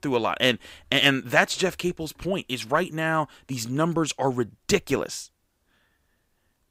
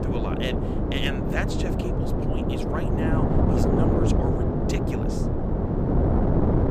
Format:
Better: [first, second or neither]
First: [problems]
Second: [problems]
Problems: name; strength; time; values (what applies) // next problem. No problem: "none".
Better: first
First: none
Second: wind noise on the microphone; heavy; 5 dB above the speech